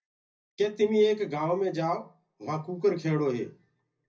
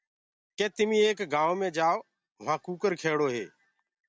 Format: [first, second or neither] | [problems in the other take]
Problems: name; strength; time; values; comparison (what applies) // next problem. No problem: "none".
second | room echo; dies away in 0.4 s